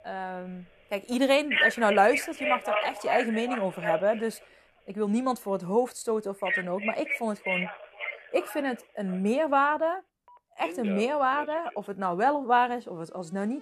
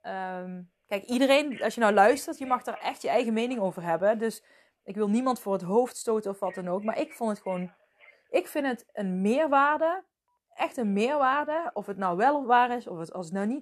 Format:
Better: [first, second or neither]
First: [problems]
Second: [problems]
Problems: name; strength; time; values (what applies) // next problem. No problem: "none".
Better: second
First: alarms or sirens; loud; throughout; 3 dB below the speech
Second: alarms or sirens; faint; throughout; 25 dB below the speech